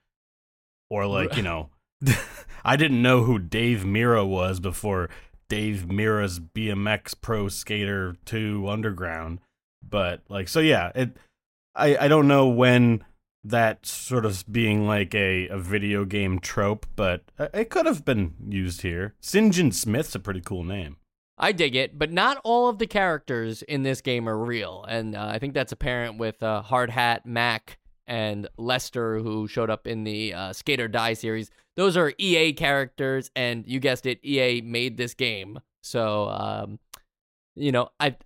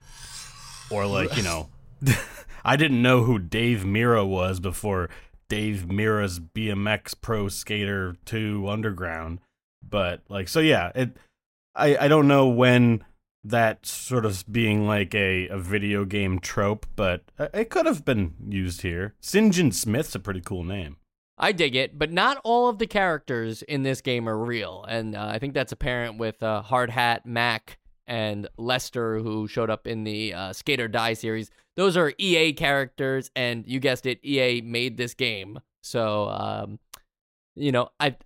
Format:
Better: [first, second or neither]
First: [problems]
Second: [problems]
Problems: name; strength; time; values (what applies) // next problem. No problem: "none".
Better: first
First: none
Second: clattering dishes; noticeable; until 2 s; peak 8 dB below the speech